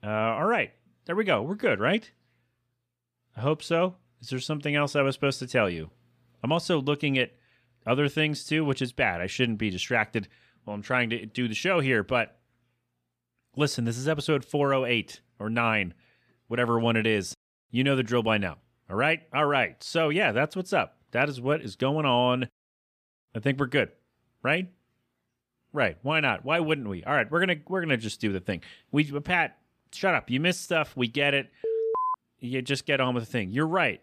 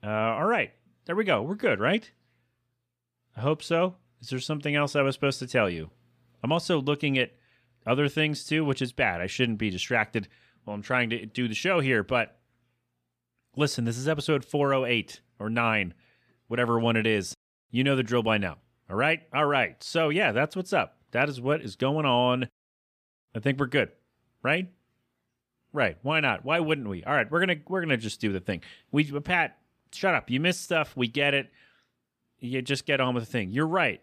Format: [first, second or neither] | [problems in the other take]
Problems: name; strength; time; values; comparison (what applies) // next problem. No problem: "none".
second | alarm; noticeable; at 32 s; peak 1 dB below the speech